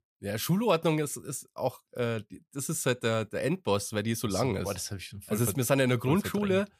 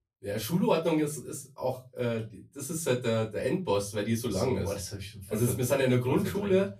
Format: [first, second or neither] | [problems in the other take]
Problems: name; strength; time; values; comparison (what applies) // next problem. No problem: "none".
first | off-mic speech; far // room echo; very slight; dies away in 0.2 s